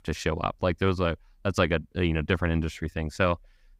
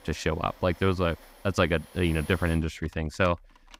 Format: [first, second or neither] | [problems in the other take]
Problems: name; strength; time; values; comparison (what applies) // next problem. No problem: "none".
first | household noises; faint; throughout; 20 dB below the speech